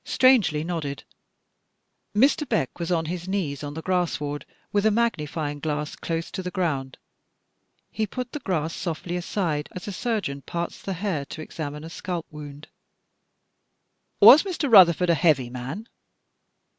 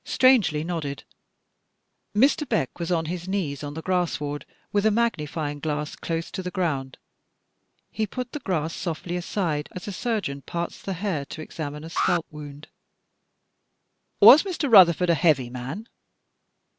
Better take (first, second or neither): first